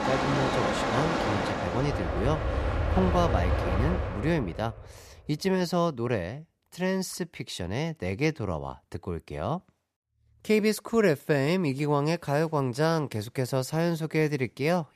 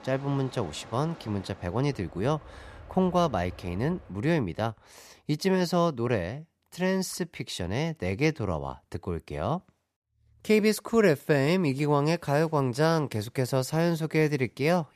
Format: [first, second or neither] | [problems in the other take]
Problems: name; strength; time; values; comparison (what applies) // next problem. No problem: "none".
second | train or aircraft noise; loud; until 4 s; as loud as the speech; faint in the second